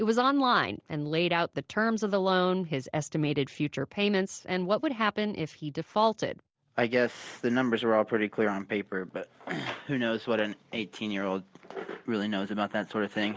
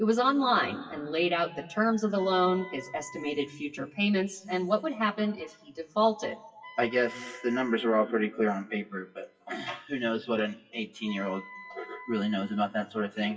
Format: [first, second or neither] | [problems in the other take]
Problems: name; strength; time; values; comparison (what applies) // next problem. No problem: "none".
first | noise reduction (classical method WPE with log-MMSE)